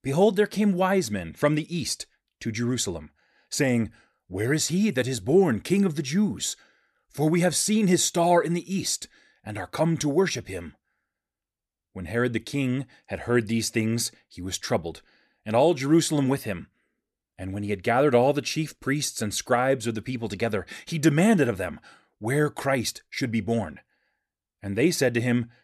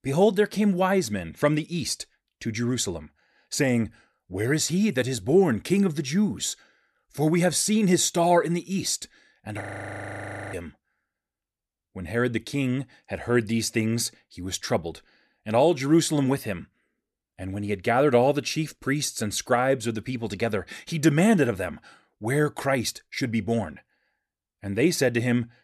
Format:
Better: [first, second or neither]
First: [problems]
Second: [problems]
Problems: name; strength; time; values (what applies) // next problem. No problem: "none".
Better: first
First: none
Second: audio freezing; at 9.5 s for 1 s